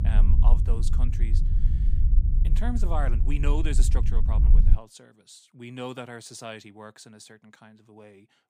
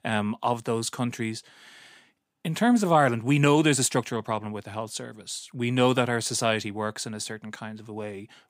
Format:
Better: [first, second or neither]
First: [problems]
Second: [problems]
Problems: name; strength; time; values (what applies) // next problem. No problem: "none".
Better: second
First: low rumble; loud; until 5 s; 6 dB below the speech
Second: none